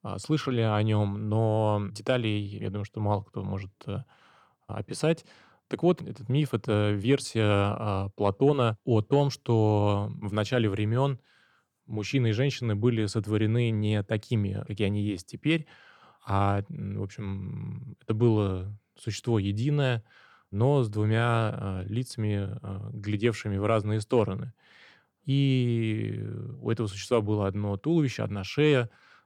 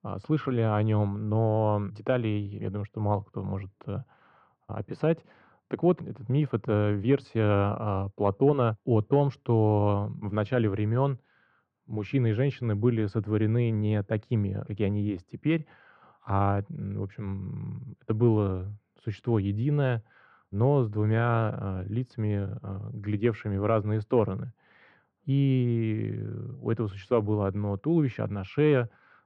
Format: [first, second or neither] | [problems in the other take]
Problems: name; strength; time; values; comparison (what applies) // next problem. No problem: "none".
first | muffled; very; fading above 2 kHz